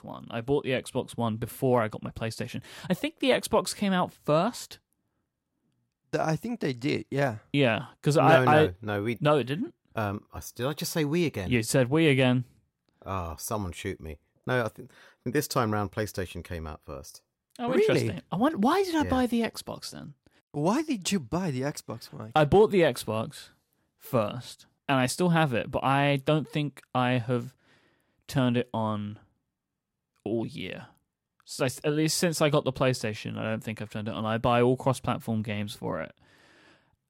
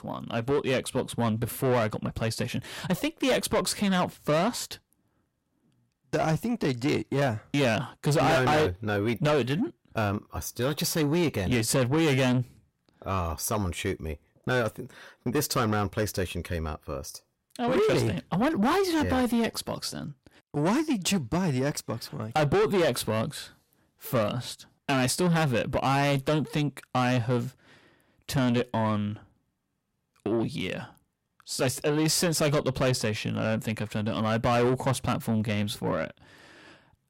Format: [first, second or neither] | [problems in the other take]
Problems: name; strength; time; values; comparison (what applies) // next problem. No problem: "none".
first | distortion; heavy; 7 dB below the speech